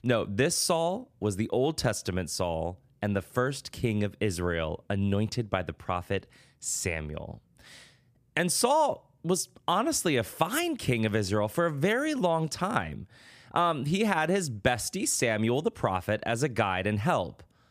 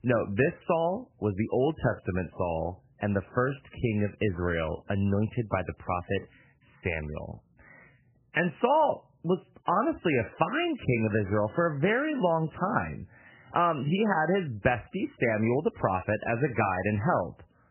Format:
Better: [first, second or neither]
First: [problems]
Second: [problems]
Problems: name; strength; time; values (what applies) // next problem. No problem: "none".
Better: first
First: none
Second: garbled, watery; badly; nothing above 3 kHz